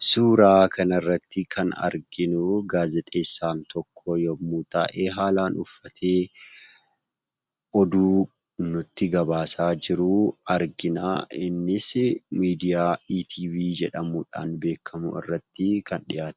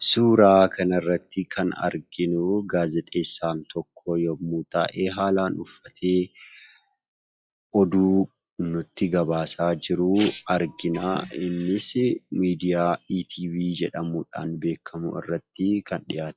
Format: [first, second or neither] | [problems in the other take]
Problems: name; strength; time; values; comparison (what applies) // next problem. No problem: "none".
first | noise reduction (classical method log-MMSE)